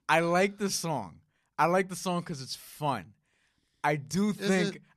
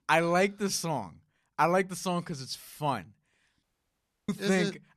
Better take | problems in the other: first | audio cutting out; at 3.5 s for 0.5 s

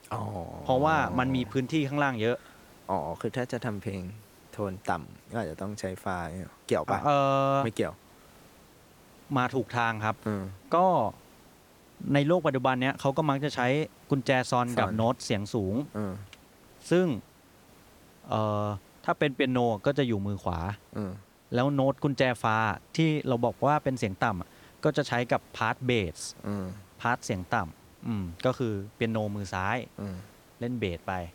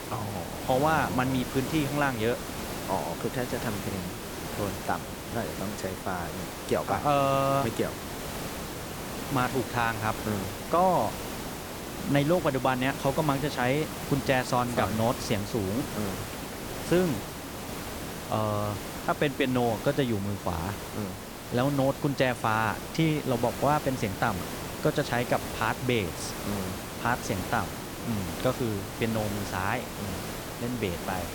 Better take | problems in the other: first | hiss; loud; throughout; 7 dB below the speech; faint in the first

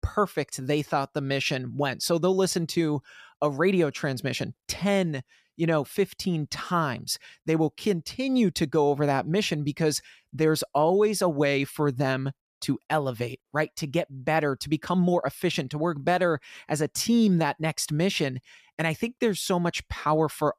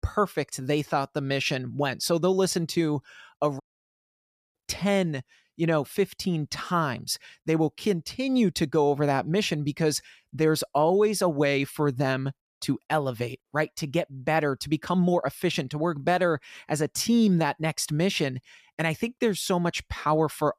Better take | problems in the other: first | audio cutting out; at 3.5 s for 1 s

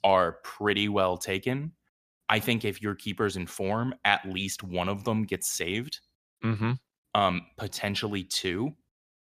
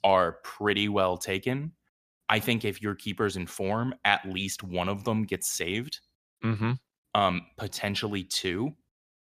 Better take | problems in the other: neither | none

